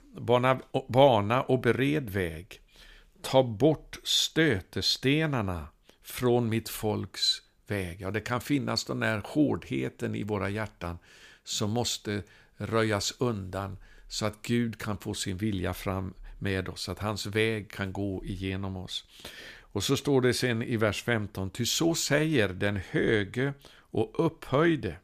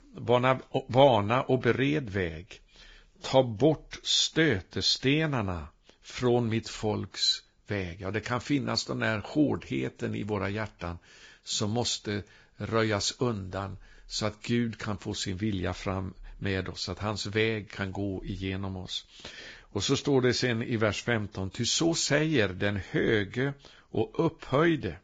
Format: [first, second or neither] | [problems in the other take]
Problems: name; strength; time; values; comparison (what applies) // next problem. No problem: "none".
first | garbled, watery; badly; nothing above 7.5 kHz